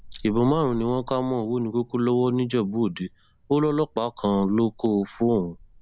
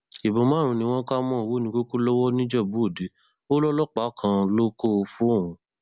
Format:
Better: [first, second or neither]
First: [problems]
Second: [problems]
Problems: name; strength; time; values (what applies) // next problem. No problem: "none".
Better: second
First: background sound (Wind); 20 dB below the speech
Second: none